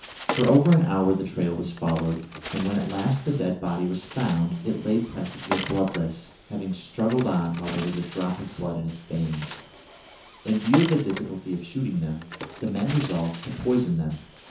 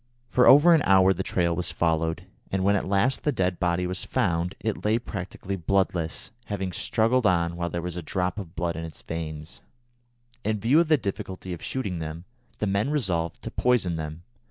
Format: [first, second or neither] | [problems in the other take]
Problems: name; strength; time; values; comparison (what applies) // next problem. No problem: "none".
second | background sound (Bird); 13 dB below the speech // room echo; dies away in 0.9 s